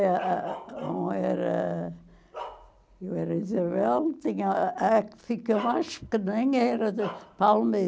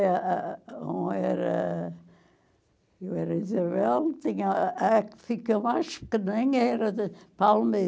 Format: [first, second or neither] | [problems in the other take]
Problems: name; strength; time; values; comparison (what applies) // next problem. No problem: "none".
second | background sound (Bark); 18 dB below the speech